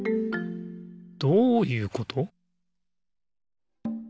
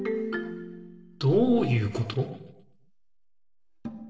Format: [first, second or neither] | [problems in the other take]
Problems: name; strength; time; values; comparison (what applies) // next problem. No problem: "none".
first | room echo; dies away in 0.9 s